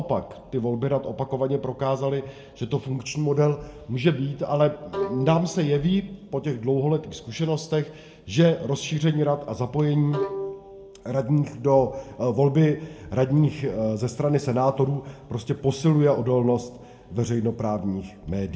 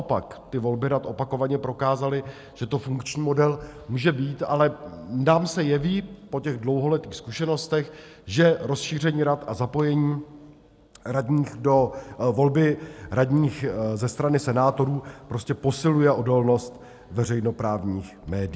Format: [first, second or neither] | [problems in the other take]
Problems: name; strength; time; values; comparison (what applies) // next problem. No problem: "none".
second | background sound (Bowed string instrument); 12 dB below the speech // room echo; dies away in 0.4 s